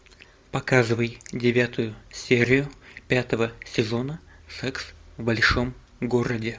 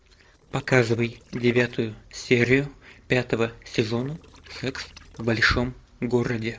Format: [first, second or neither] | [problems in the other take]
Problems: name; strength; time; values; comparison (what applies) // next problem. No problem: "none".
first | noise reduction (neural separator model SepFormer DNS4)